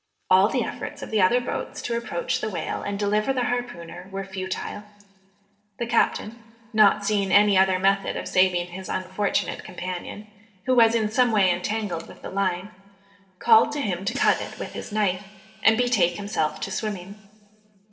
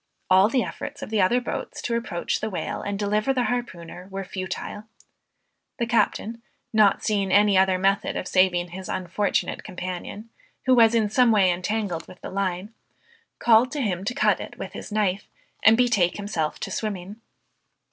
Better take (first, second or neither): second